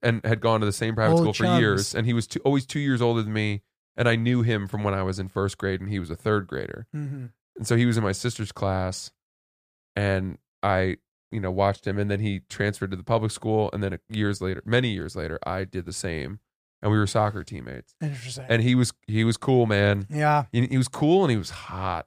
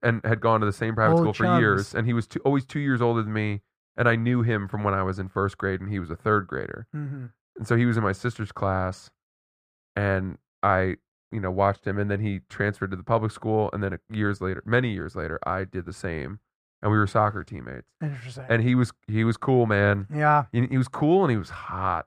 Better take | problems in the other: first | muffled; slightly; fading above 3 kHz

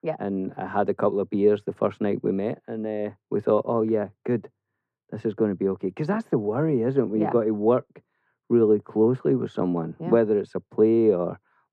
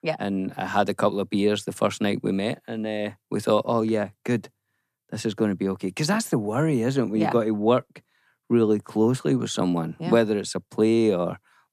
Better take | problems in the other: second | muffled; very; fading above 3 kHz

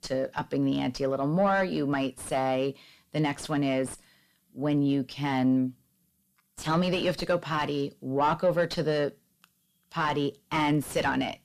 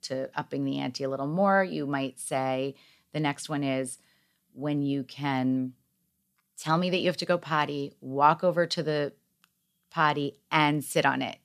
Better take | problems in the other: second | distortion; heavy; 7 dB below the speech

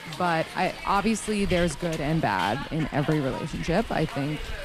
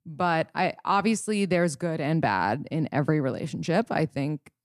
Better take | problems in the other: second | hiss; loud; throughout; 10 dB below the speech

